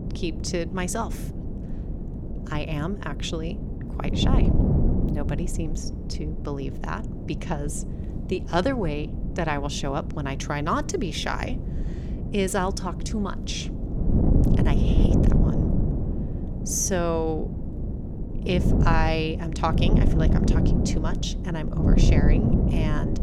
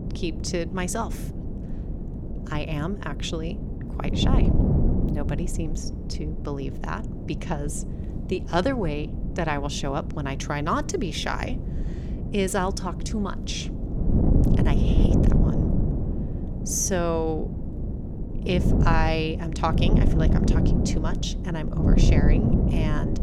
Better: neither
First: wind noise on the microphone; heavy; 5 dB below the speech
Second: wind noise on the microphone; heavy; 5 dB below the speech

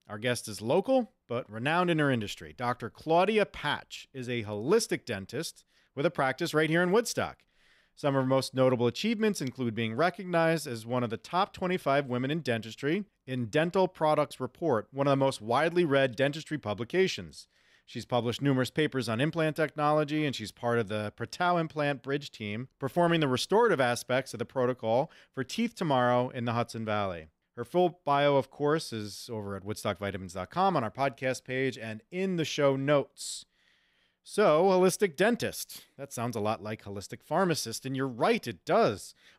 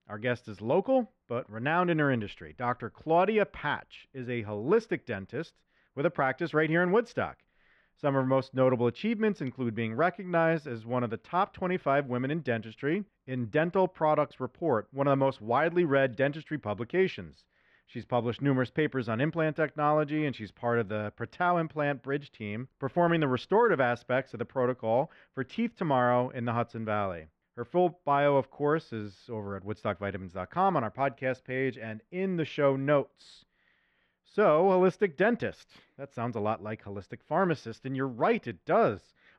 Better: first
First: none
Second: muffled; very; fading above 2 kHz

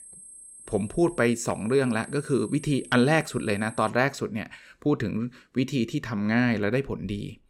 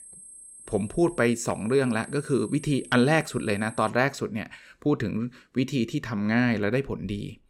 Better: neither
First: high-pitched whine; noticeable; until 4 s; 8.5 kHz, 20 dB below the speech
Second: high-pitched whine; noticeable; until 4 s; 8.5 kHz, 20 dB below the speech

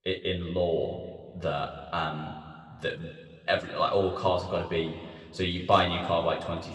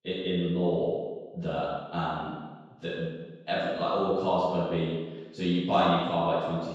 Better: first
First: room echo; slight; dies away in 2 s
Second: room echo; strong; dies away in 1.2 s // off-mic speech; far

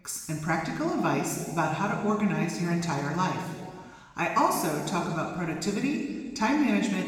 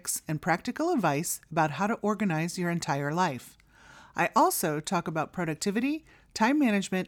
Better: second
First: room echo; noticeable; dies away in 1.6 s // off-mic speech; somewhat distant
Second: none

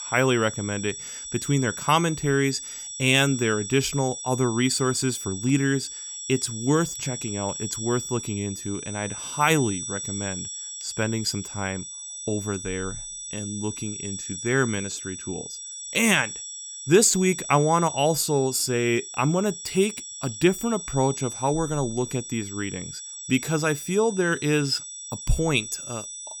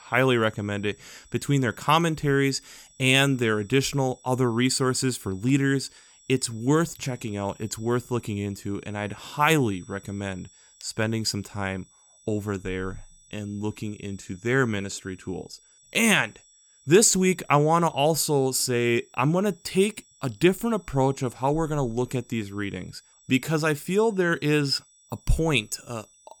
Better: second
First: high-pitched whine; loud; throughout; 7.5 kHz, 8 dB below the speech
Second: high-pitched whine; faint; throughout; 7.5 kHz, 30 dB below the speech

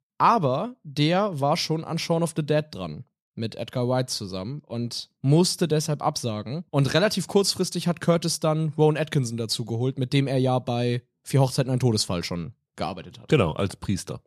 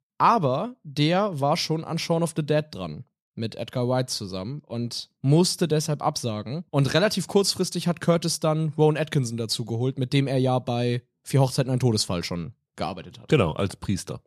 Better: neither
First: none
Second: none

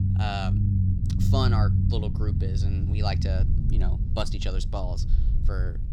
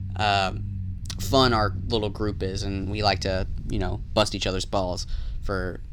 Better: second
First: low rumble; loud; throughout; 5 dB below the speech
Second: low rumble; faint; throughout; 25 dB below the speech

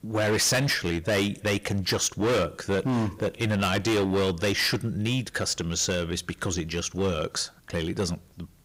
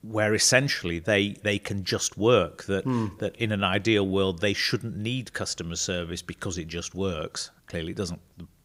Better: second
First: distortion; heavy; 15% of the sound clipped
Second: none

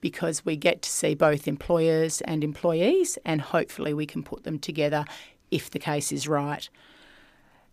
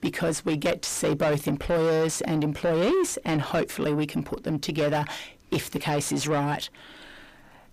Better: first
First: none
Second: distortion; heavy; 7 dB below the speech

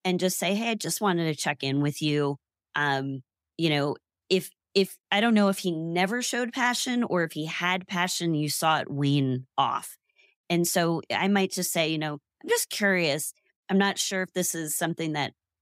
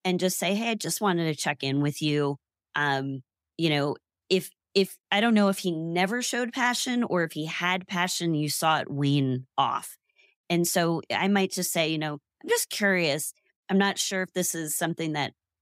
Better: neither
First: none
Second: none

